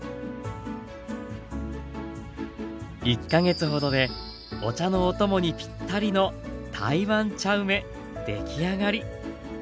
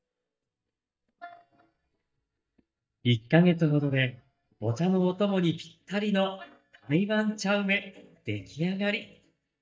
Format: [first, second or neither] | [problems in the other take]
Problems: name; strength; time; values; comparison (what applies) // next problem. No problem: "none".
first | noise reduction (neural mask model DeepFilterNet 3)